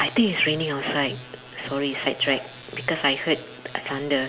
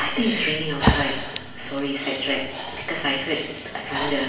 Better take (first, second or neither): first